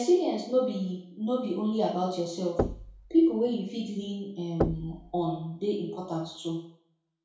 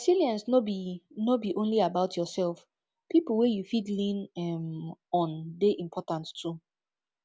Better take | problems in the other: second | background sound (Knock); 8 dB below the speech // room echo; dies away in 0.5 s

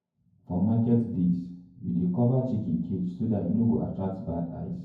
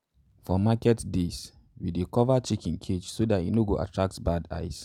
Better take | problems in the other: second | room echo; dies away in 0.9 s

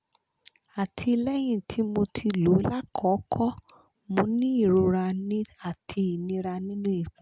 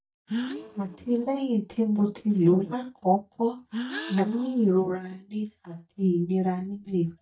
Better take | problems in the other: first | noise reduction (neural mask model DeepFilterNet 3)

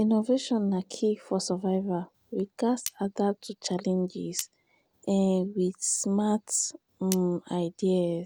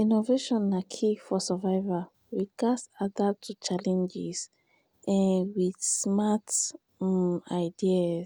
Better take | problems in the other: second | background sound (Cutlery, silverware); 16 dB below the speech

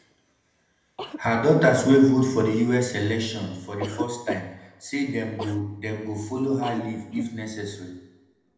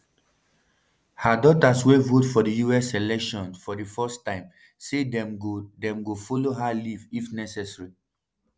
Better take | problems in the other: second | background sound (Cough); 15 dB below the speech // room echo; dies away in 0.8 s

